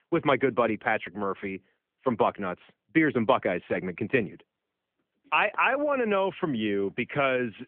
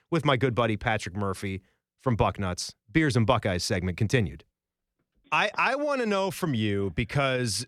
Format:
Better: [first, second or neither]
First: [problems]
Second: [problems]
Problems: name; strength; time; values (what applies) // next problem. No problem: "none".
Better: second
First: phone-call audio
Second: none